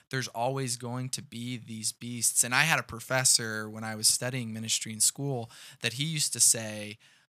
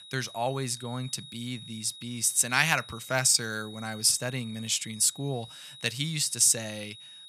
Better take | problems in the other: first | high-pitched whine; noticeable; throughout; 4 kHz, 20 dB below the speech

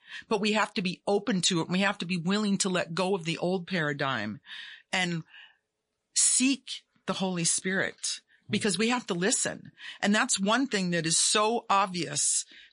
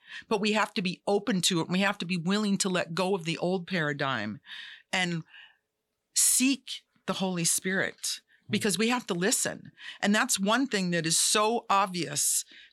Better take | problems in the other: second | garbled, watery; slightly; nothing above 10.5 kHz

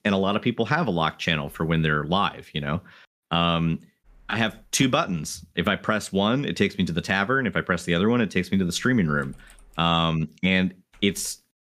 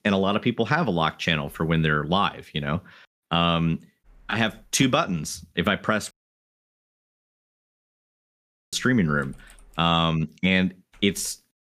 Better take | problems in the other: first | audio cutting out; at 6 s for 2.5 s

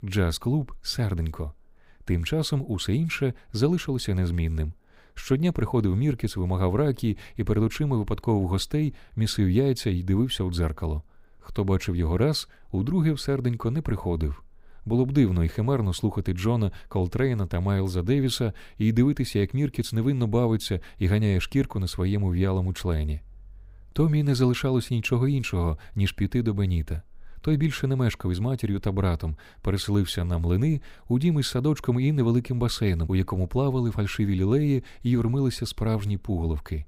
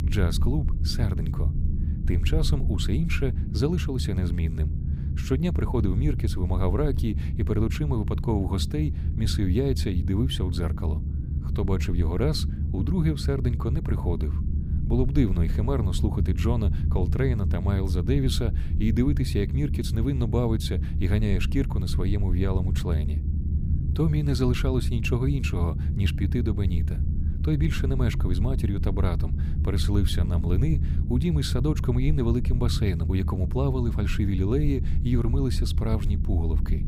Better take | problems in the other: first | low rumble; loud; throughout; 9 dB below the speech

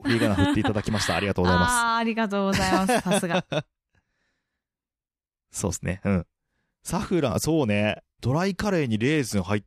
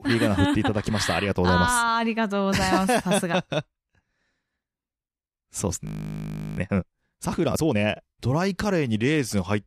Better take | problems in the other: first | audio freezing; at 6 s for 0.5 s

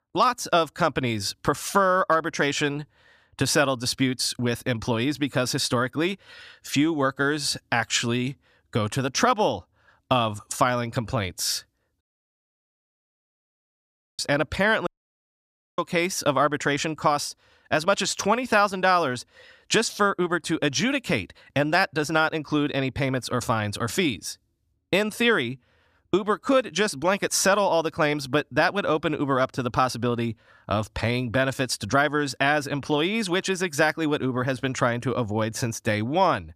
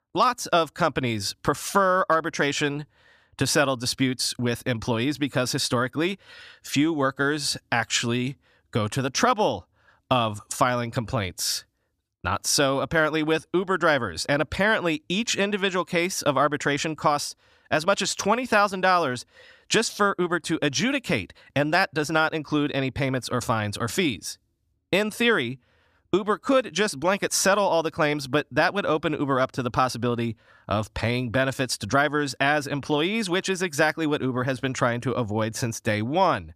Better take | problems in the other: second | audio cutting out; at 12 s for 2 s and at 15 s for 1 s

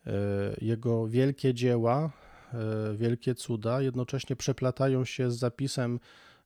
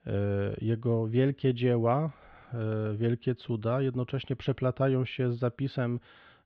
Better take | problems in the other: first | muffled; very; fading above 3.5 kHz

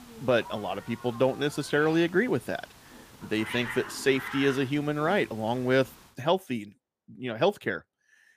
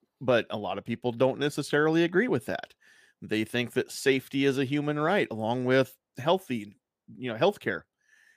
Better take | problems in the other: second | hiss; noticeable; until 6 s; 15 dB below the speech

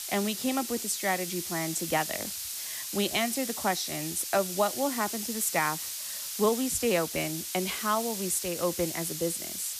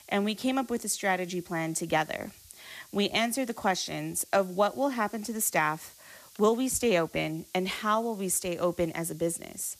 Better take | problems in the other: second | hiss; loud; throughout; 4 dB below the speech; faint in the second

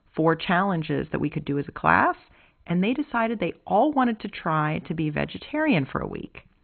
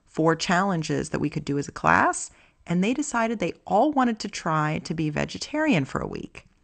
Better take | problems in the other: second | garbled, watery; badly; nothing above 4 kHz; slightly in the second

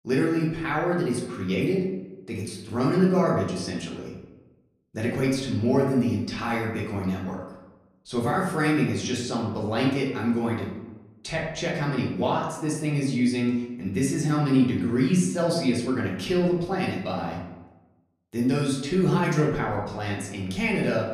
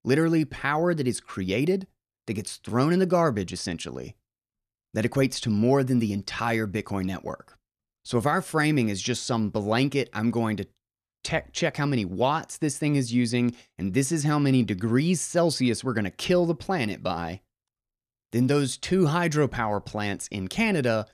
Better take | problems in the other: second | room echo; noticeable; dies away in 0.8 s // off-mic speech; far

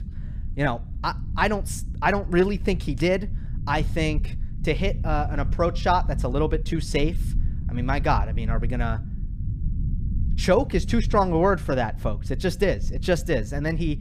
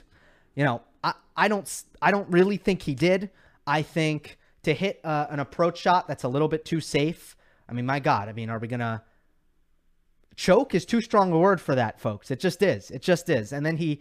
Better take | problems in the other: second | low rumble; noticeable; throughout; 20 dB below the speech

